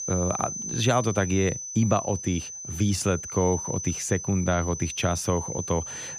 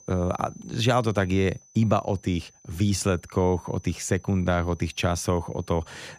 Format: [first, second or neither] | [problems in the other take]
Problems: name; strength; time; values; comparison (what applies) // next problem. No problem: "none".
second | high-pitched whine; loud; throughout; 6 kHz, 7 dB below the speech; faint in the second